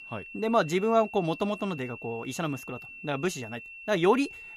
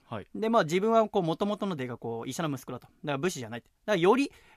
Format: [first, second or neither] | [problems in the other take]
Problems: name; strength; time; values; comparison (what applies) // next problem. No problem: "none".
second | high-pitched whine; noticeable; throughout; 2.5 kHz, 15 dB below the speech